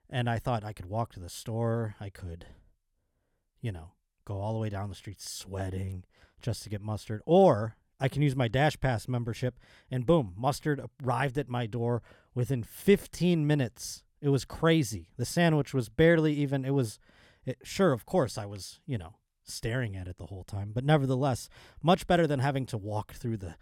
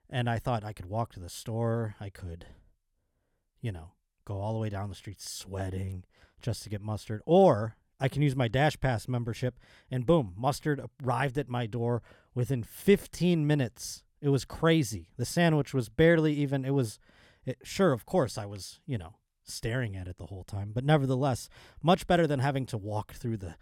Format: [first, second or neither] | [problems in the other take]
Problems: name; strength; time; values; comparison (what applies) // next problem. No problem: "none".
neither | none